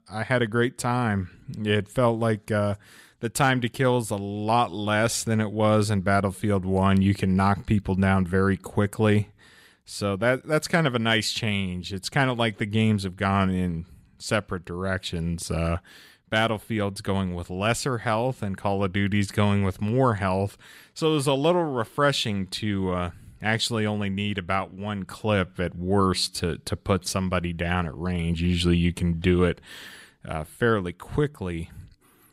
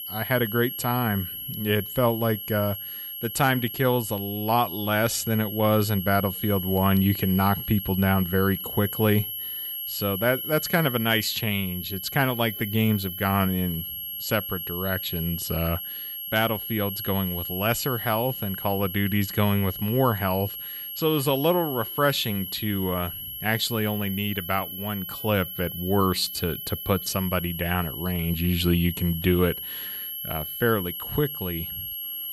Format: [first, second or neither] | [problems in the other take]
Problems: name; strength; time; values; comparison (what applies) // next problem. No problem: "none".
first | high-pitched whine; loud; throughout; 11.5 kHz, 6 dB below the speech